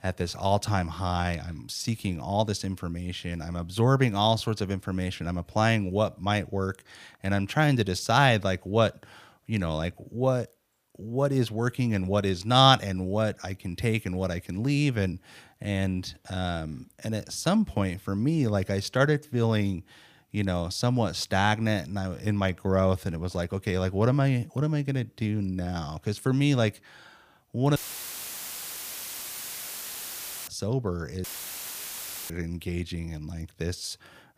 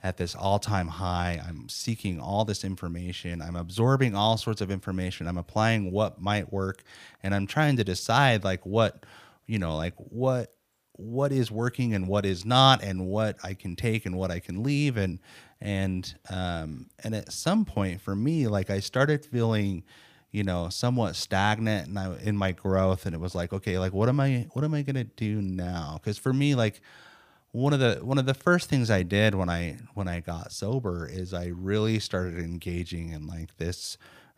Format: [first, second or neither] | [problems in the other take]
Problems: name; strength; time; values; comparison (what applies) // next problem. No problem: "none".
second | audio cutting out; filled with static; at 28 s for 2.5 s and at 31 s for 1 s